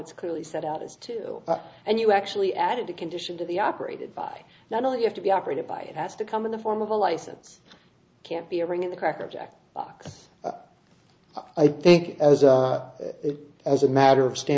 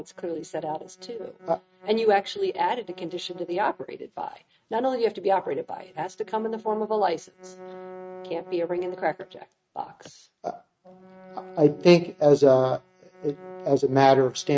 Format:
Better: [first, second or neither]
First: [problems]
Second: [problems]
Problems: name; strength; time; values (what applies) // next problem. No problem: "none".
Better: first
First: none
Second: noise reduction (neural mask model RNNoise)